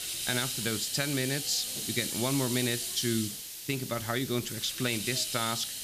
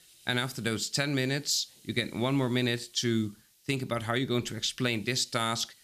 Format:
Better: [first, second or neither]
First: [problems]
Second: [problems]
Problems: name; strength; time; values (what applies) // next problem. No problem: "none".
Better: second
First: hiss; loud; throughout; 2 dB below the speech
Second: hiss; faint; throughout; 25 dB below the speech